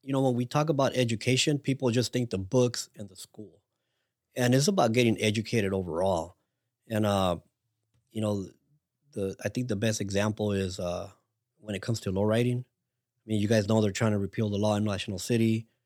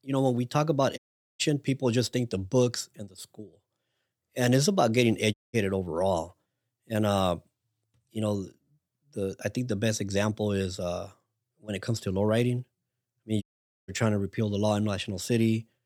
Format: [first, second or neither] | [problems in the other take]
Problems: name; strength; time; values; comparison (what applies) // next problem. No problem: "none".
first | audio cutting out; at 1 s, at 5.5 s and at 13 s